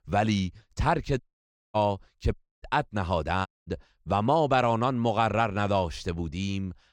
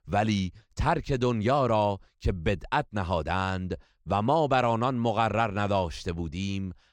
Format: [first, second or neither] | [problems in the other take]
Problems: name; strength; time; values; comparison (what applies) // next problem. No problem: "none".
second | audio cutting out; at 1 s for 0.5 s, at 2.5 s and at 3.5 s